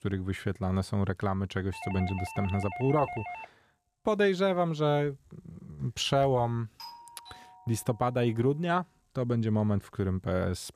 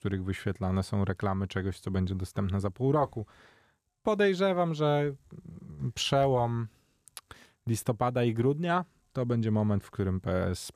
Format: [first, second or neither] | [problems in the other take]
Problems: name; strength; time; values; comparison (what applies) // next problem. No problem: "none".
second | doorbell; noticeable; from 1.5 to 3.5 s; peak 9 dB below the speech // doorbell; faint; from 7 to 8 s; peak 15 dB below the speech